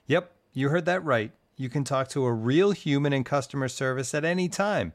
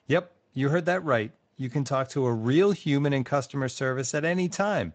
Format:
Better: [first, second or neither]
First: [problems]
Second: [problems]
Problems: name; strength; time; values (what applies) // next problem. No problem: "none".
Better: first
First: none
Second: garbled, watery; slightly; nothing above 7.5 kHz